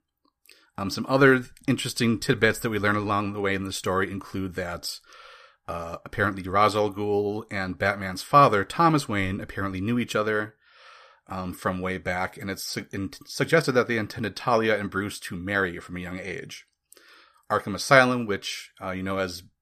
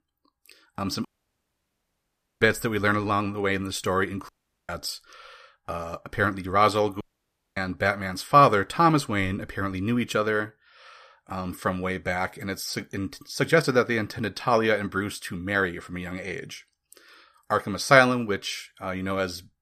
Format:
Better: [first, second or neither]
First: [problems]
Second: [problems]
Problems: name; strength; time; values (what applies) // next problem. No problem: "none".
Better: first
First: none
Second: audio cutting out; at 1 s for 1.5 s, at 4.5 s and at 7 s for 0.5 s